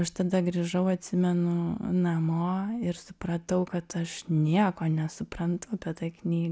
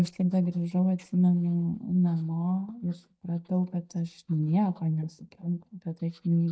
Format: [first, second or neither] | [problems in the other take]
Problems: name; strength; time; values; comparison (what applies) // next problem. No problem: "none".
first | noise reduction (neural mask model DeepFilterNet 3)